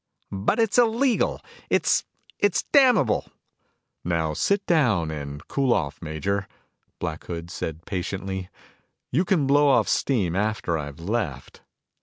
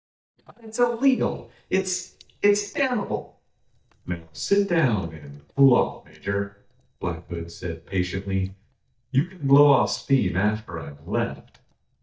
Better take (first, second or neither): first